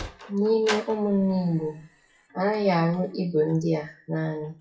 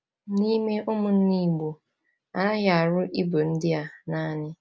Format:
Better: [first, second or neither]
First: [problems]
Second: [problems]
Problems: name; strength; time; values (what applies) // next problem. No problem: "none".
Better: second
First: noise reduction (classical method WPE with log-MMSE)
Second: none